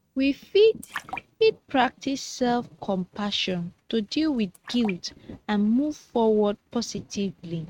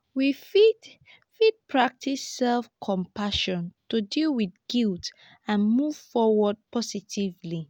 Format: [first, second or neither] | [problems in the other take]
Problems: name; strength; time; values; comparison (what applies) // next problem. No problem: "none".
second | noise reduction (neural mask model RNNoise)